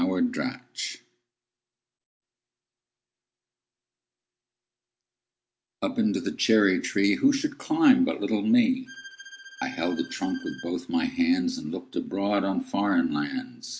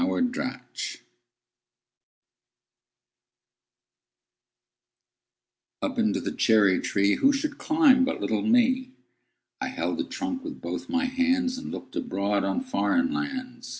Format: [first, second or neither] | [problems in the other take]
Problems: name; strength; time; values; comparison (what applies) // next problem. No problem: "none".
second | background sound (Bowed string instrument); 18 dB below the speech